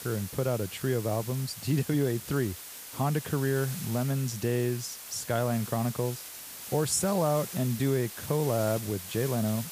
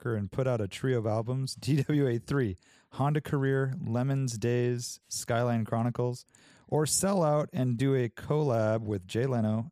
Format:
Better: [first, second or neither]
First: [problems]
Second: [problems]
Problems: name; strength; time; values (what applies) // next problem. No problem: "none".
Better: second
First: hiss; loud; throughout; 10 dB below the speech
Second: none